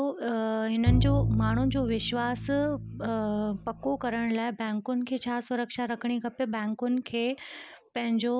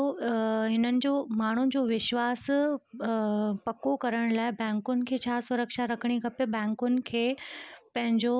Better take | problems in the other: second | background sound (Bowed string instrument); 1 dB below the speech

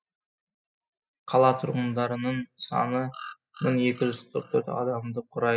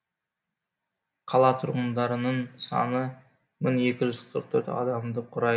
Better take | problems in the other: second | noise reduction (classical method spectral subtraction)

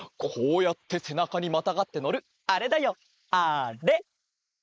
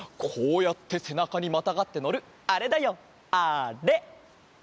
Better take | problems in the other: second | noise reduction (neural mask model Resemble Enhance denoiser)

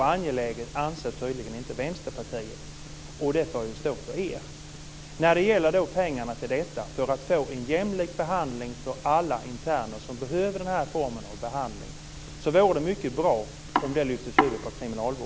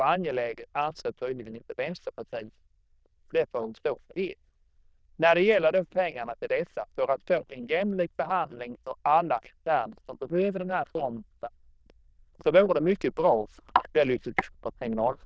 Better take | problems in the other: first | noise reduction (neural diffusion model UNIVERSE++)

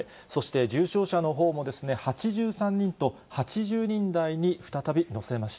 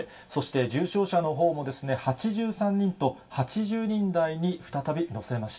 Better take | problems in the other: first | room echo; dies away in 0.2 s

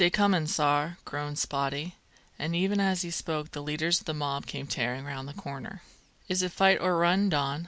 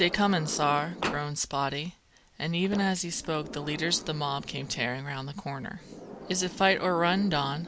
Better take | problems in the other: first | background sound (Sliding door); 13 dB below the speech

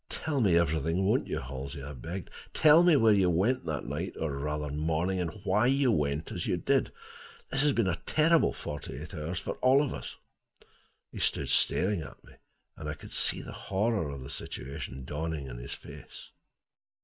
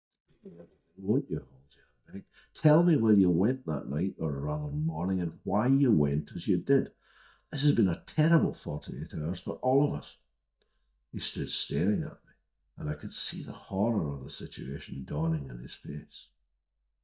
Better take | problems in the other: first | noise reduction (neural mask model DeepFilterNet 3)

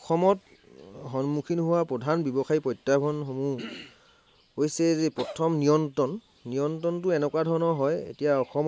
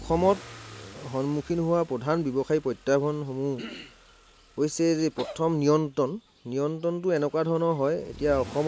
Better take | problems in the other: first | background sound (Engine starting / Accelerating, revving, vroom / Car); 20 dB below the speech

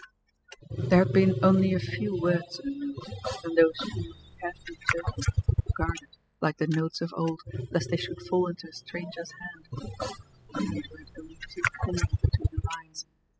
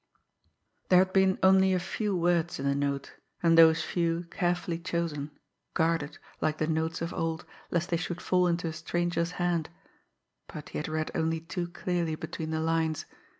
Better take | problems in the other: second | noise reduction (classical method spectral subtraction)

